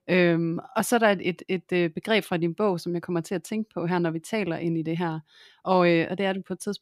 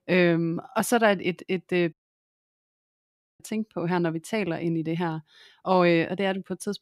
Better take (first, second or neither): first